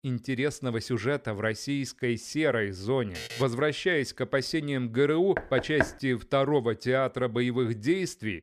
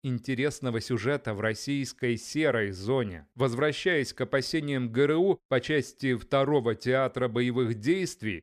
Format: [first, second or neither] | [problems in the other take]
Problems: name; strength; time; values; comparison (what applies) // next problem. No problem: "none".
second | alarm; noticeable; at 3 s; peak 9 dB below the speech // door banging; noticeable; at 5.5 s; peak 2 dB below the speech